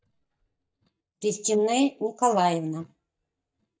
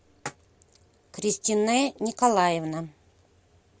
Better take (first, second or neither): second